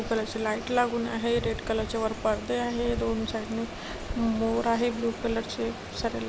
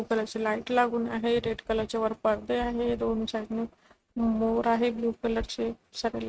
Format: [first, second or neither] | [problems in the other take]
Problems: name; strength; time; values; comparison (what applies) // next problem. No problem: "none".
first | noise reduction (neural mask model RNNoise)